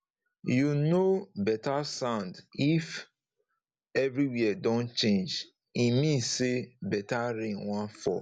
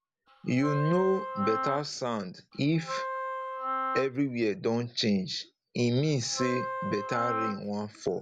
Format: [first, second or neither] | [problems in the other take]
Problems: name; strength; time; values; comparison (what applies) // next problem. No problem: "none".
first | background sound (Wind instrument, woodwind instrument); 5 dB below the speech